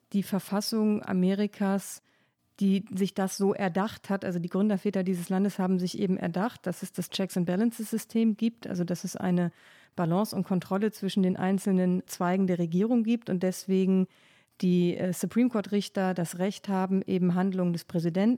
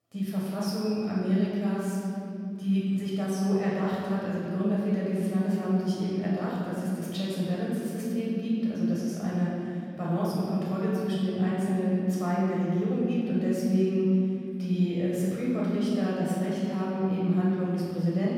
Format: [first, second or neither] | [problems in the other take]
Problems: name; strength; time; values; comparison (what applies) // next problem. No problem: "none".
first | off-mic speech; far // room echo; strong; dies away in 2.9 s